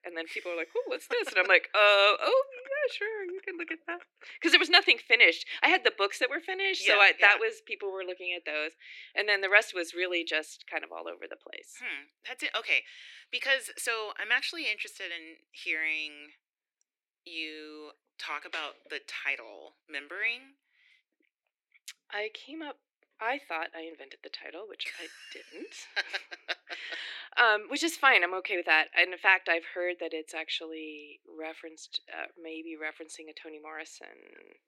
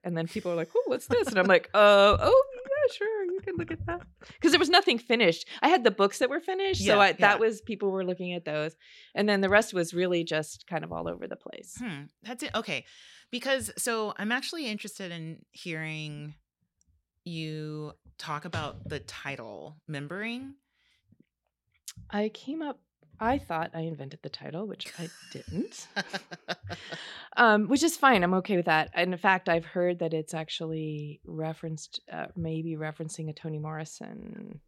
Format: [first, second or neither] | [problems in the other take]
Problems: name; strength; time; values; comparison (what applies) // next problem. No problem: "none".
second | thin; very; fading below 300 Hz